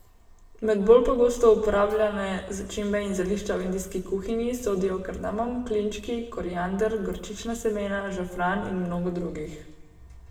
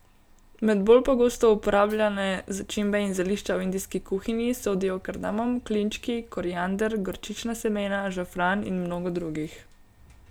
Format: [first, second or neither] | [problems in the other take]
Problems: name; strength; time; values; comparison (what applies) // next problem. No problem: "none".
second | room echo; dies away in 0.9 s